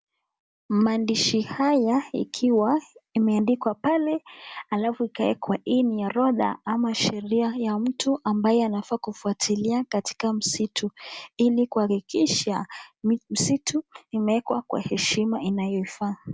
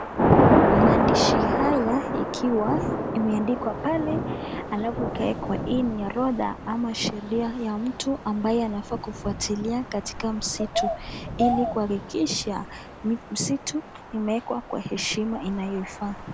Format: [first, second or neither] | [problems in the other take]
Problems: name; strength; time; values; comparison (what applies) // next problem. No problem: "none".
first | background sound (Bird vocalization, bird call, bird song + Thunder / Rain); 1 dB above the speech